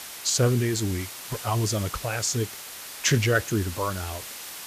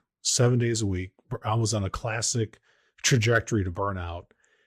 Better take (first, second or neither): second